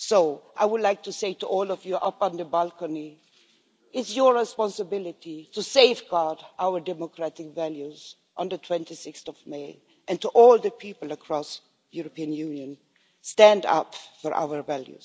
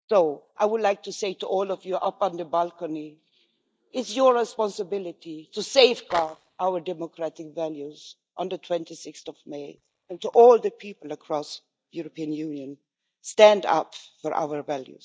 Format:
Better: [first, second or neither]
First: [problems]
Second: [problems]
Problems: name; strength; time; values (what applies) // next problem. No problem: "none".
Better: first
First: none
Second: noise reduction (neural mask model DeepFilterNet 3)